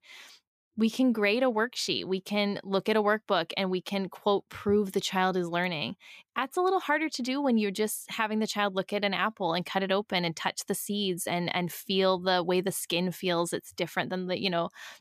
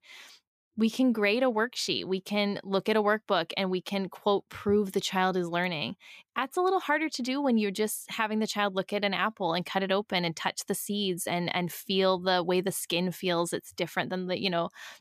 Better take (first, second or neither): neither